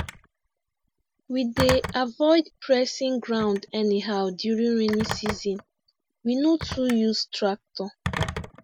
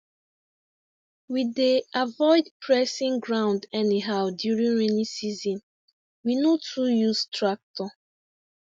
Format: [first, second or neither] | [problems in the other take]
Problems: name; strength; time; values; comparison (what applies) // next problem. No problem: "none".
second | background sound (Telephone); 10 dB below the speech